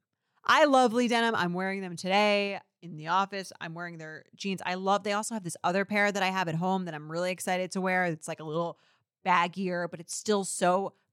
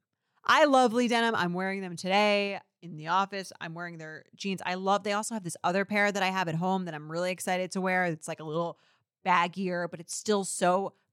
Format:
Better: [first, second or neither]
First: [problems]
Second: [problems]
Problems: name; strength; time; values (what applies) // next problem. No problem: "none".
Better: neither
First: none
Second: none